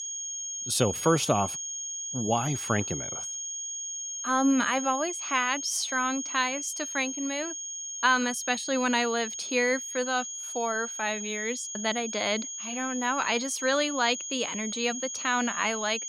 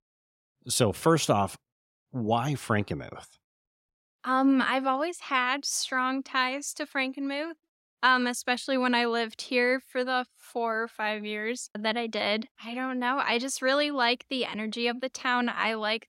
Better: second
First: high-pitched whine; loud; throughout; 6.5 kHz, 5 dB below the speech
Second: none

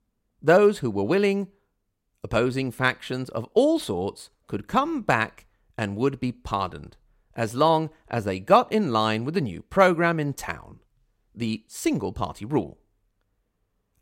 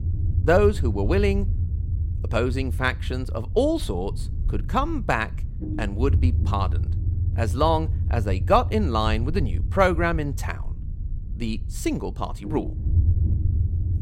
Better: first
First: none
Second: low rumble; noticeable; throughout; 15 dB below the speech

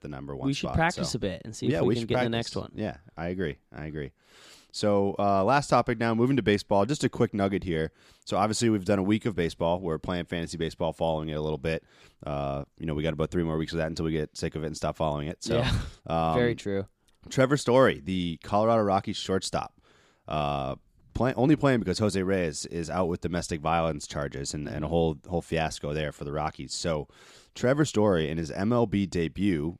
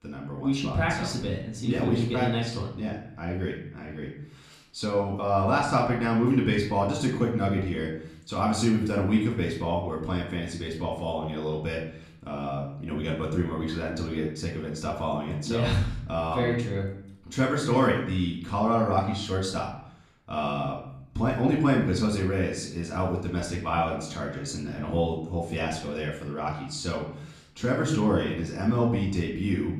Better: first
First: none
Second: off-mic speech; far // room echo; slight; dies away in 0.6 s

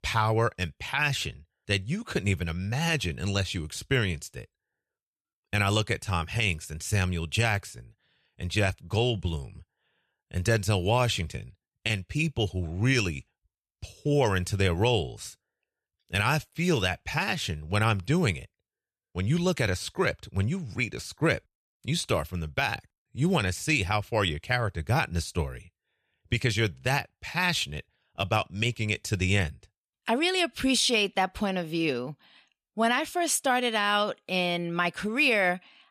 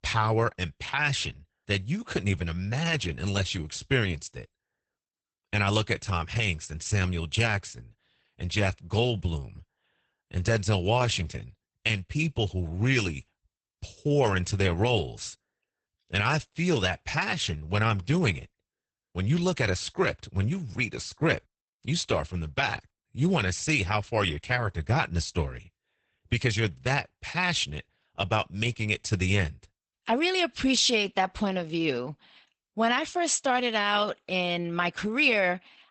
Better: first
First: none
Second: garbled, watery; badly; nothing above 8 kHz

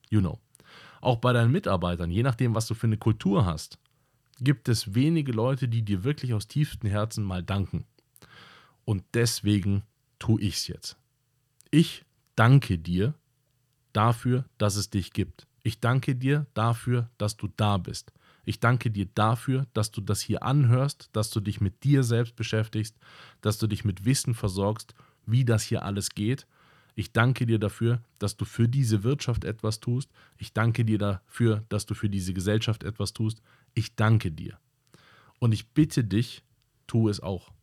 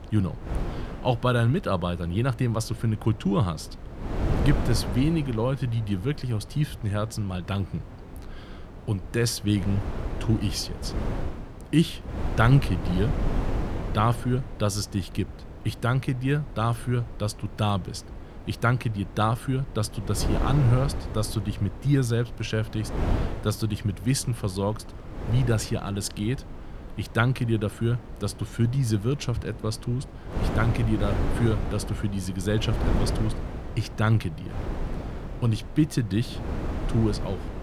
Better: first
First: none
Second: wind noise on the microphone; heavy; 9 dB below the speech

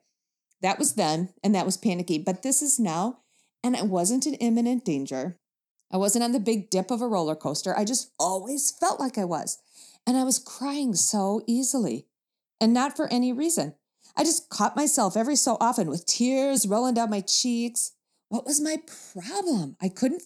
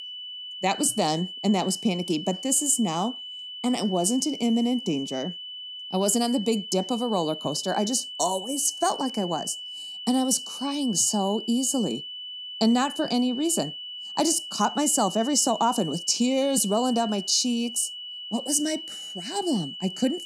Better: first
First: none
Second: high-pitched whine; loud; throughout; 3 kHz, 10 dB below the speech

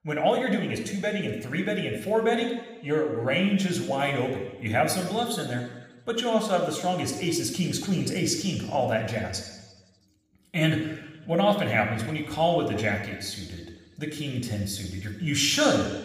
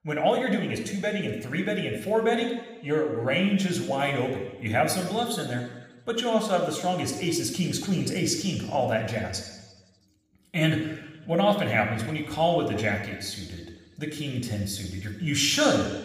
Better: neither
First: room echo; noticeable; dies away in 1.1 s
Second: room echo; noticeable; dies away in 1.1 s

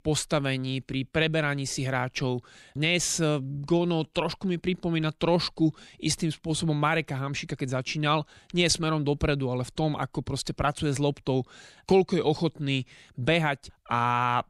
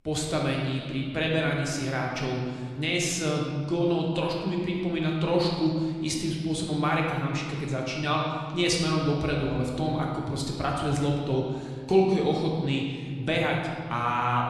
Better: first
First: none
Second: room echo; noticeable; dies away in 1.6 s // off-mic speech; somewhat distant

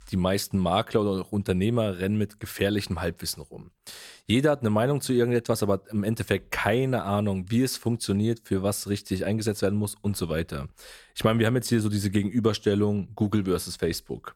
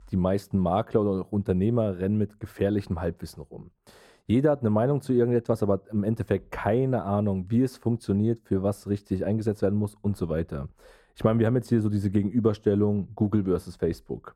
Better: first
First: none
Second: muffled; slightly; fading above 1.5 kHz

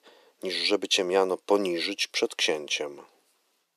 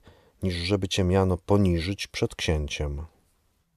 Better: second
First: thin; very; fading below 300 Hz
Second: none

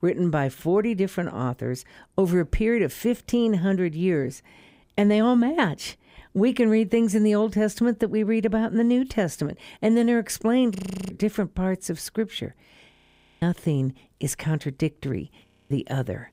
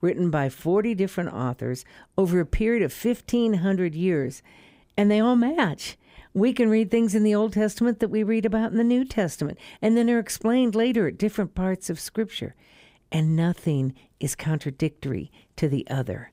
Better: second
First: audio freezing; at 11 s, at 13 s and at 15 s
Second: none

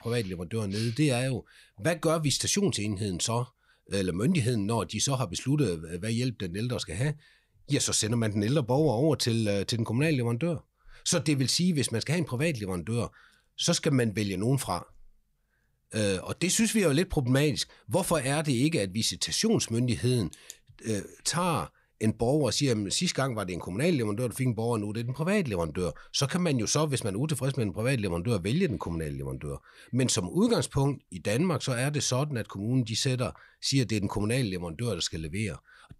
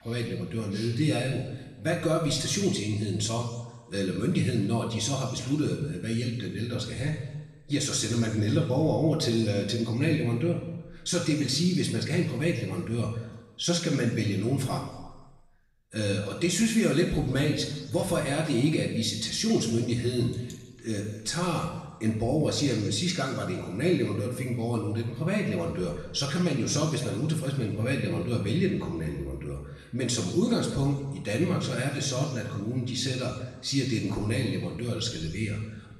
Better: first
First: none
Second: room echo; noticeable; dies away in 1.1 s // off-mic speech; far

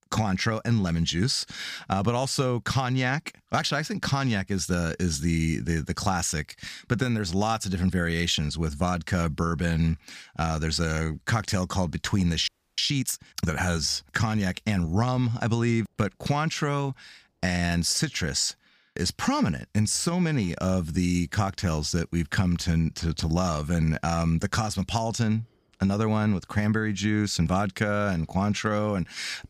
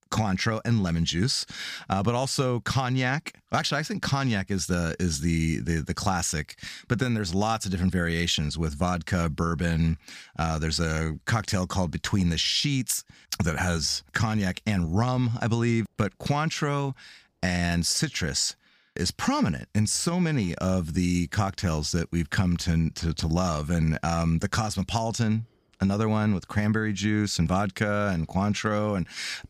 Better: second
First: audio freezing; at 12 s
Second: none

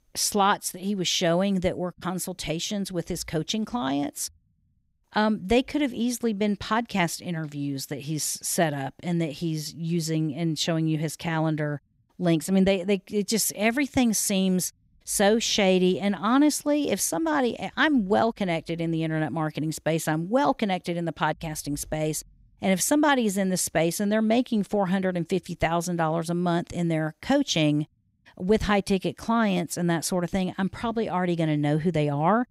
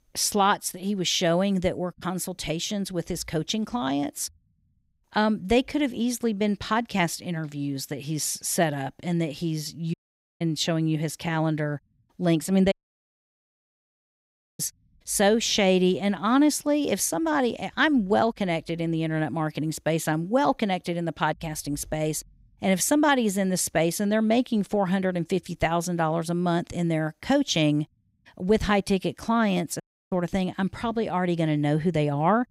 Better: first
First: none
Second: audio cutting out; at 10 s, at 13 s for 2 s and at 30 s

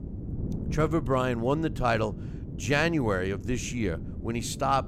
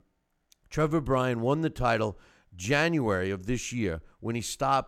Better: second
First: wind noise on the microphone; occasional gusts; 15 dB below the speech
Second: none

